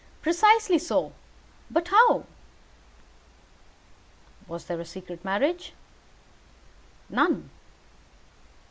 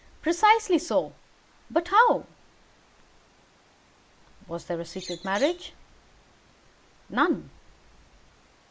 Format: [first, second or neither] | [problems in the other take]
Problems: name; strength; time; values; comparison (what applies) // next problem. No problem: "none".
first | noise reduction (neural mask model Resemble Enhance denoiser)